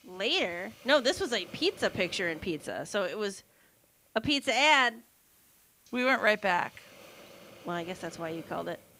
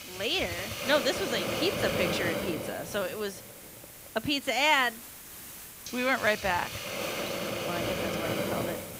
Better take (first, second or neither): first